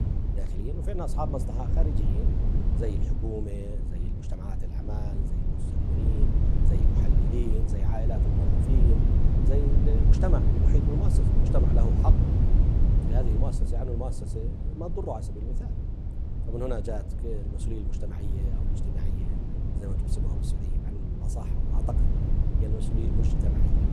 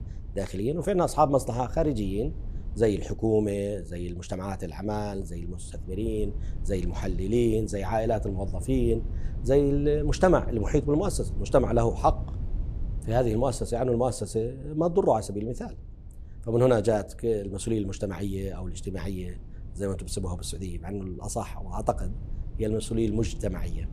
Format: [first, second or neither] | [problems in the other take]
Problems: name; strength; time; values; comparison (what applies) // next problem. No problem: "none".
second | low rumble; loud; throughout; 1 dB below the speech; faint in the second